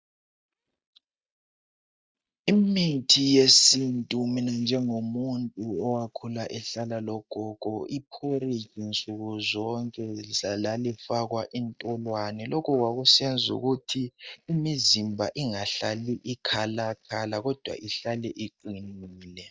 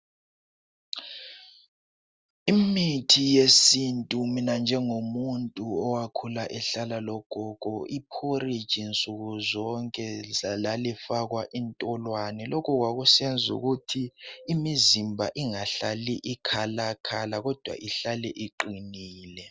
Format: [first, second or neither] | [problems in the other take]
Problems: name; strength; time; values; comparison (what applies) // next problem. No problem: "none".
second | noise reduction (neural mask model DeepFilterNet 3)